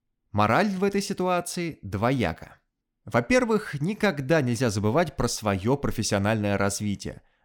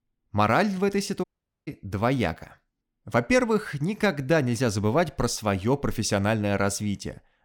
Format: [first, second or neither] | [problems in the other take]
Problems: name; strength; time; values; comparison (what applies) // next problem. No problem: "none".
first | audio cutting out; at 1 s